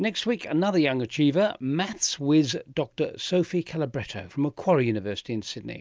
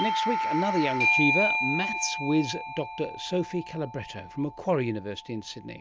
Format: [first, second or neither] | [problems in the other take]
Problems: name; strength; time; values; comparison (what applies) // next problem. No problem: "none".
first | background sound (Doorbell); as loud as the speech